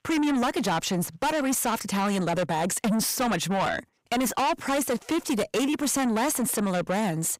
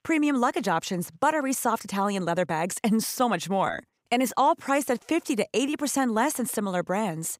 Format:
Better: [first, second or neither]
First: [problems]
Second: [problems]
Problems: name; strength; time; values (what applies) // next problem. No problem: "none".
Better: second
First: distortion; heavy; 6 dB below the speech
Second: none